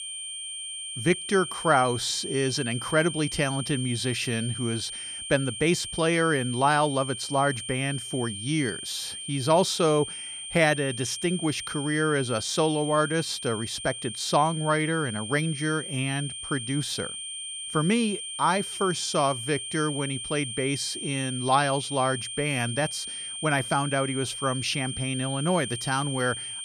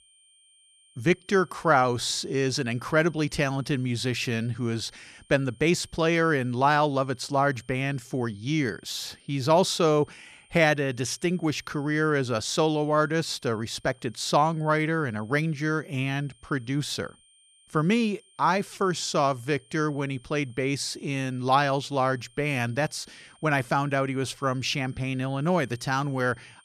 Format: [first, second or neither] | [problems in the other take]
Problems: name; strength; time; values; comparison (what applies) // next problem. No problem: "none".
second | high-pitched whine; loud; throughout; 3 kHz, 7 dB below the speech; faint in the second